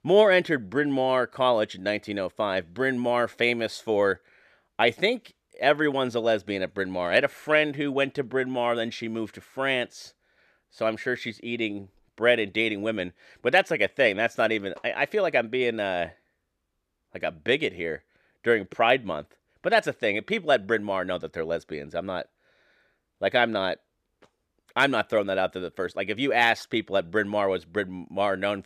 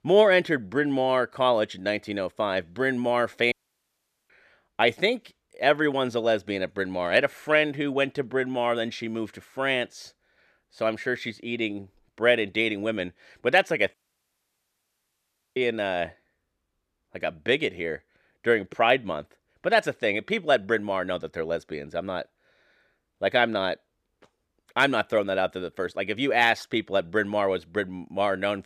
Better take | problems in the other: first | audio cutting out; at 3.5 s for 1 s and at 14 s for 1.5 s

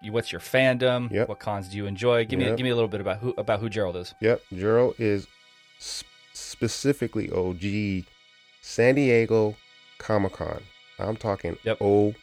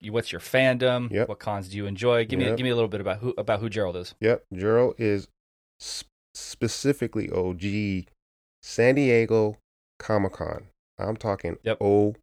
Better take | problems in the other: second | background music; faint; throughout; 25 dB below the speech

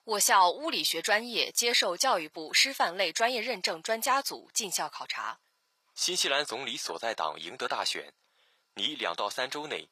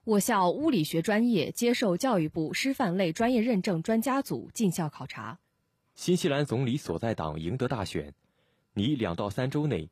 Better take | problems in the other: second | thin; very; fading below 850 Hz

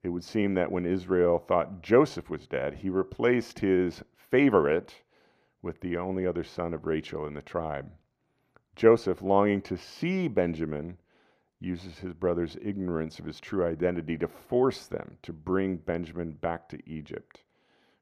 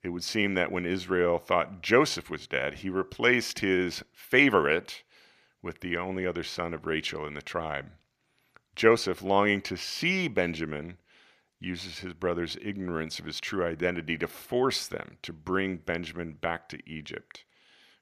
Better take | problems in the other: second | muffled; slightly; fading above 1.5 kHz

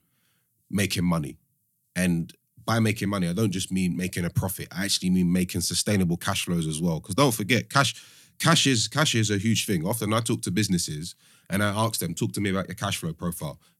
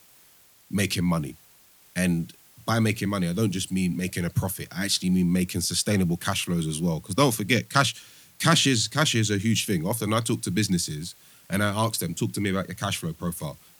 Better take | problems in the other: first | hiss; faint; throughout; 25 dB below the speech

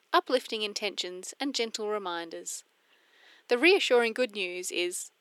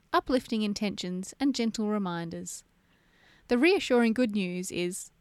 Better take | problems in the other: second | thin; somewhat; fading below 350 Hz

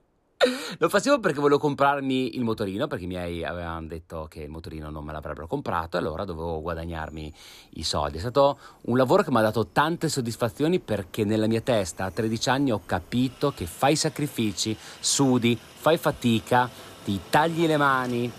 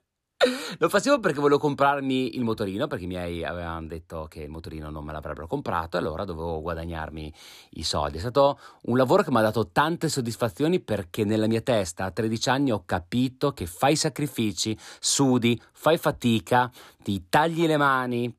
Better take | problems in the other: second | train or aircraft noise; faint; throughout; 25 dB below the speech

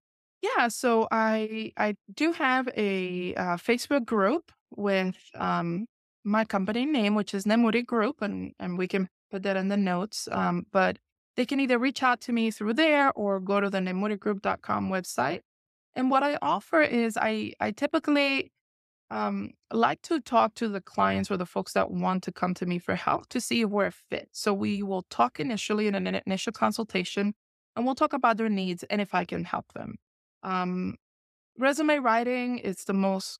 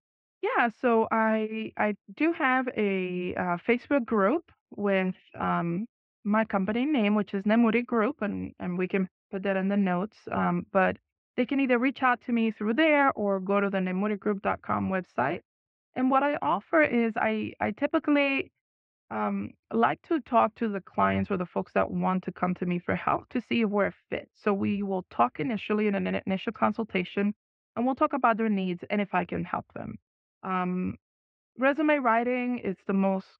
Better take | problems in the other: first | muffled; very; fading above 2.5 kHz

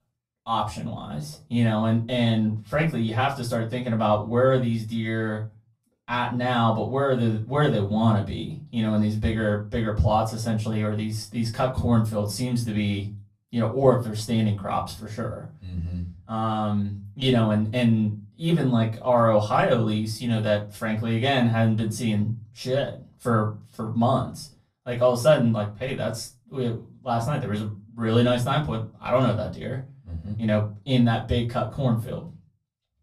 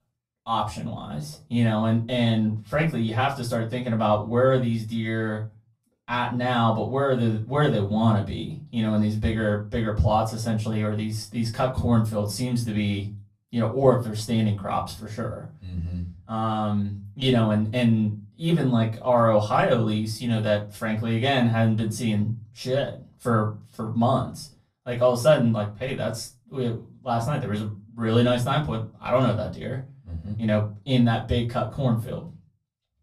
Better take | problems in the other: neither | off-mic speech; far; the same in both // room echo; very slight; dies away in 0.3 s; the same in both

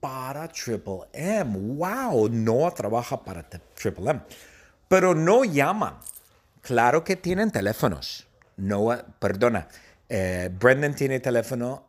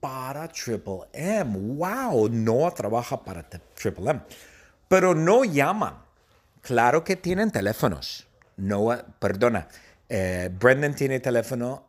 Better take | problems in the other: second | jangling keys; faint; at 6 s; peak 15 dB below the speech

